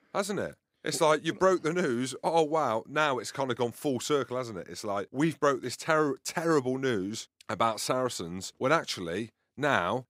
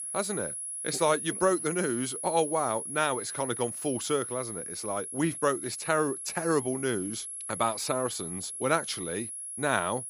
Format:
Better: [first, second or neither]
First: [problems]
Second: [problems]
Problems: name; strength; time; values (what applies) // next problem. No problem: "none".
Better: first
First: none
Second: high-pitched whine; loud; throughout; 10.5 kHz, 5 dB below the speech